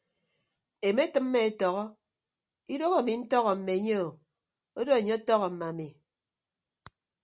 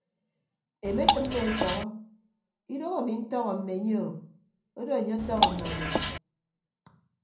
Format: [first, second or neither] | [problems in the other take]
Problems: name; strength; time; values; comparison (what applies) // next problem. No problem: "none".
first | background sound (Drip / Water); 4 dB above the speech // room echo; dies away in 0.6 s